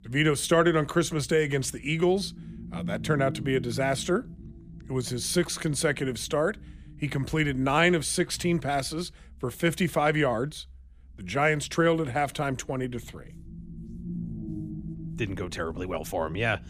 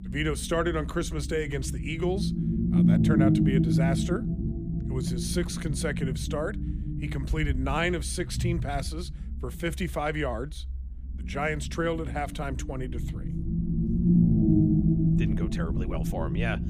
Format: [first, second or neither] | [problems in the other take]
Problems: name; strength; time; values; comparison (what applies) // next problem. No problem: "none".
first | low rumble; loud; throughout; 2 dB below the speech; faint in the first